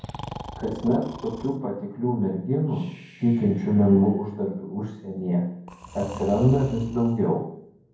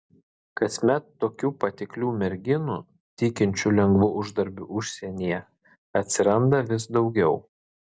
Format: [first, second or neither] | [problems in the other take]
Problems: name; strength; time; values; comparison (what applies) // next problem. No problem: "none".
second | background sound (Breathing); 17 dB below the speech // room echo; dies away in 0.9 s